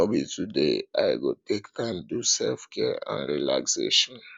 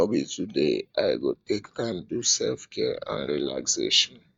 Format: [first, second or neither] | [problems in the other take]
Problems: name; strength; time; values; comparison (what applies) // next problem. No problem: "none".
first | noise reduction (neural mask model DeepFilterNet 3)